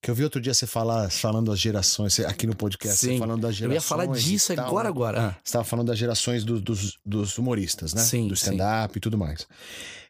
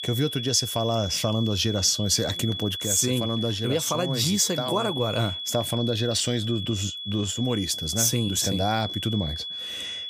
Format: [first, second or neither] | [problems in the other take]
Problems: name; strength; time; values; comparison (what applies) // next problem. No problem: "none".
first | high-pitched whine; loud; throughout; 3.5 kHz, 6 dB below the speech